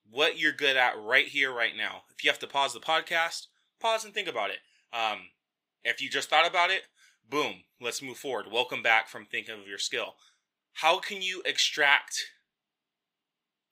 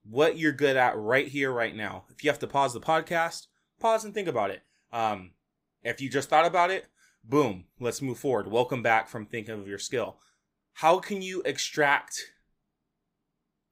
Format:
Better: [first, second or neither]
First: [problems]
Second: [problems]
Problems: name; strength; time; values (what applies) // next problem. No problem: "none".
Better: second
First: thin; somewhat; fading below 850 Hz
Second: none